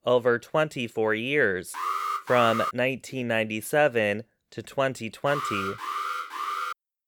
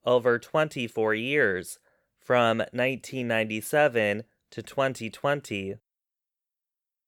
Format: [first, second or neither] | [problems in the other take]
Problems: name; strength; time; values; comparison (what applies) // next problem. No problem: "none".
second | alarm; noticeable; at 1.5 s and from 5.5 s on; peak 2 dB below the speech